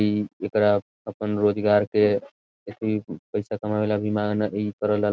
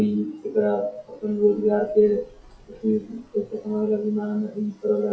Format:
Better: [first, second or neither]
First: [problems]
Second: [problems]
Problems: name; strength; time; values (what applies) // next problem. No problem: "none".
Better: first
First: none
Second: noise reduction (classical method WPE with log-MMSE)